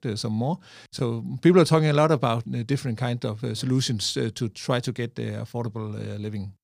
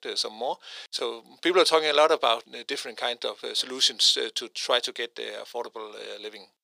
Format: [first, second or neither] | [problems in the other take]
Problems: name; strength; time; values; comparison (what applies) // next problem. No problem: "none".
first | thin; very; fading below 450 Hz